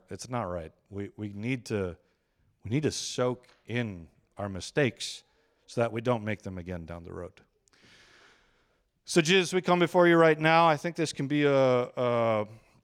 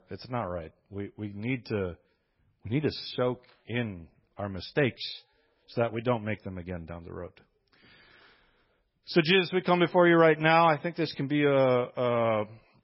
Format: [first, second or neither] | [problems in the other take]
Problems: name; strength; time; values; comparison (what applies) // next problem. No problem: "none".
first | garbled, watery; badly; nothing above 5.5 kHz